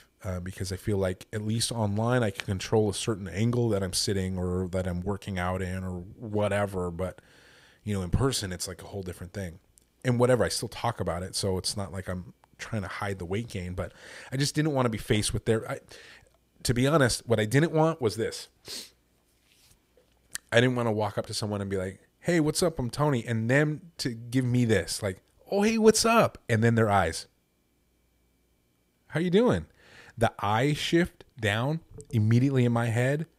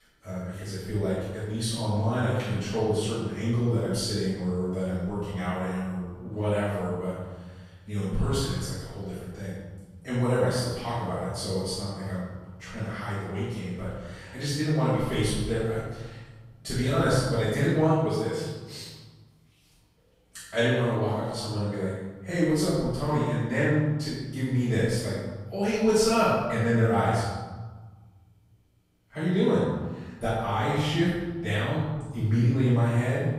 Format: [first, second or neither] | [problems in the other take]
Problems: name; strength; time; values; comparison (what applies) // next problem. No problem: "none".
first | off-mic speech; far // room echo; strong; dies away in 1.3 s